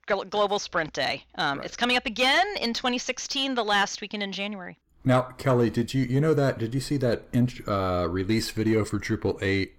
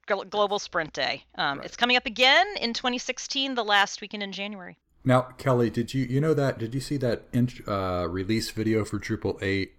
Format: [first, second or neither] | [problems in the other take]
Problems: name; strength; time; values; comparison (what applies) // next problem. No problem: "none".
second | distortion; slight; 10 dB below the speech